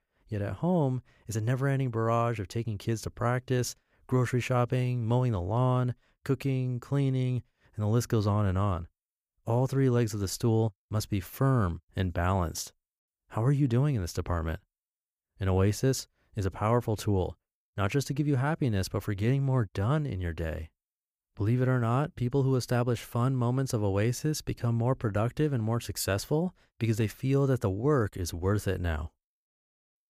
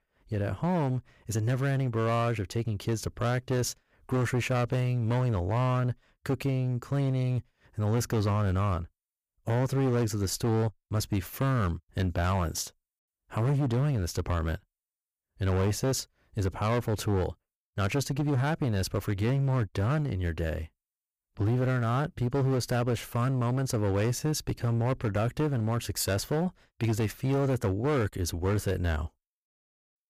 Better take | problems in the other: first | distortion; slight; 15% of the sound clipped

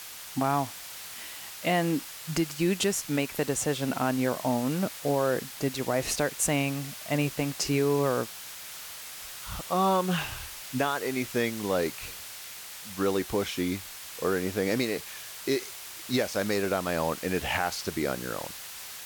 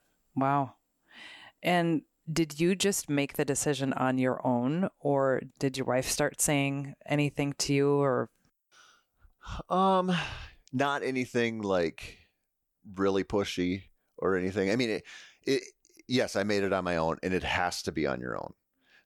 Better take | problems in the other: second | hiss; loud; throughout; 10 dB below the speech

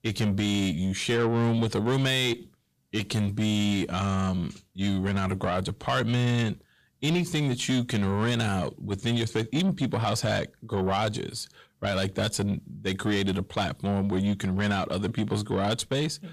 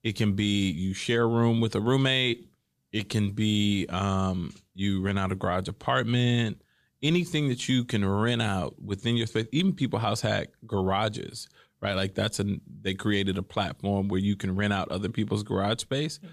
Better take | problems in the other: second | distortion; slight; 10 dB below the speech

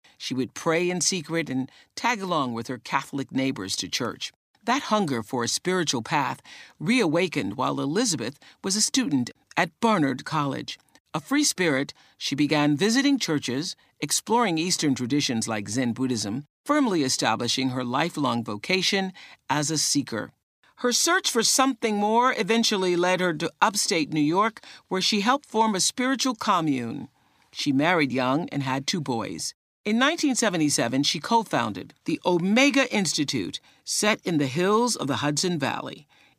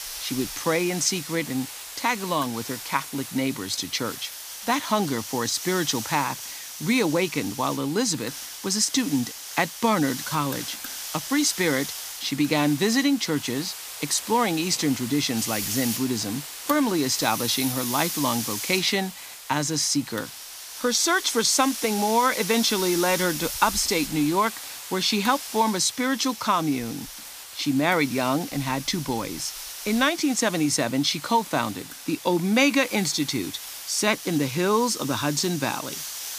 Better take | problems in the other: first | hiss; loud; throughout; 9 dB below the speech

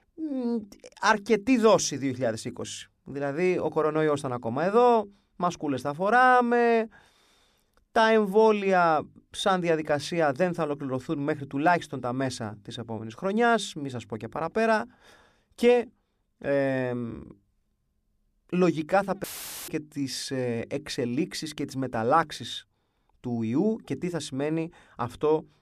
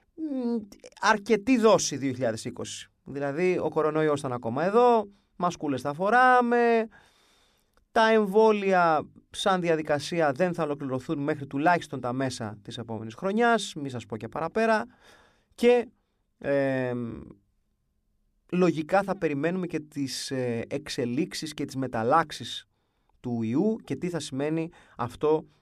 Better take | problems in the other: second | audio cutting out; filled with static; at 19 s

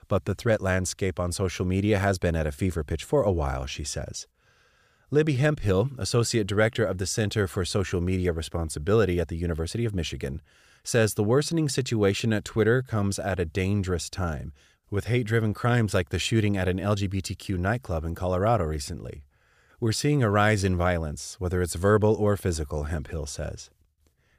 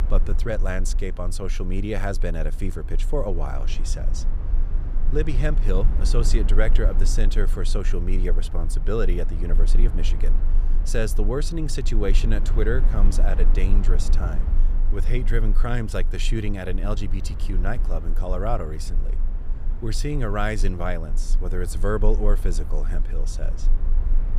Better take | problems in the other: first | low rumble; noticeable; throughout; 15 dB below the speech

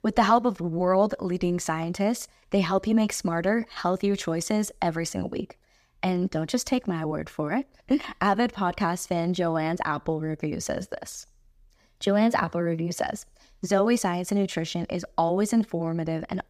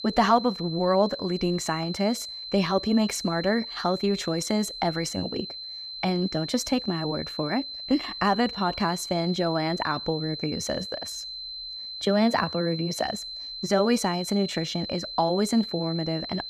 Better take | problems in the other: first | high-pitched whine; loud; throughout; 4 kHz, 8 dB below the speech

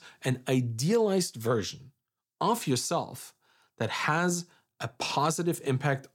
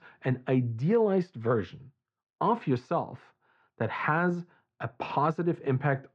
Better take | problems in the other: first | muffled; very; fading above 2 kHz

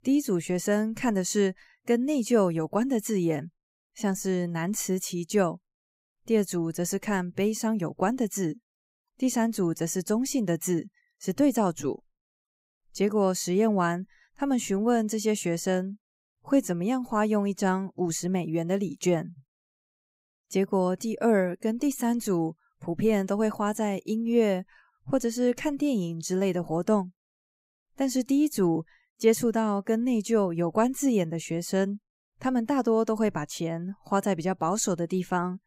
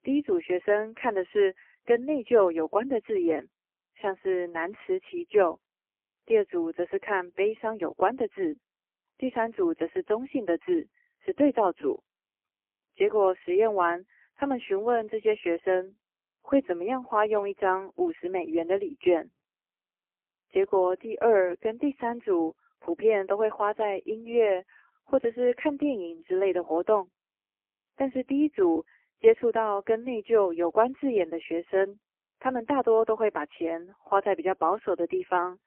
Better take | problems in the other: first | phone-call audio; poor line; nothing above 3 kHz

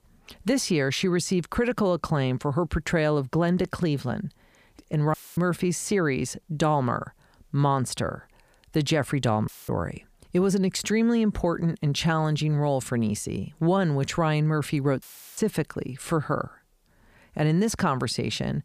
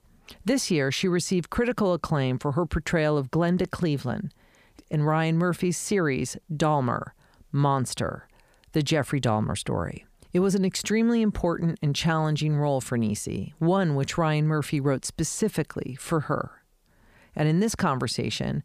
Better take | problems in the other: second | audio cutting out; filled with static; at 5 s, at 9.5 s and at 15 s

